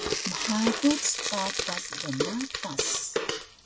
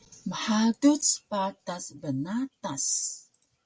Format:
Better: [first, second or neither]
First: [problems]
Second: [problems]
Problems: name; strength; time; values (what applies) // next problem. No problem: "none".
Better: second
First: background sound (Frying (food)); 1 dB below the speech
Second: none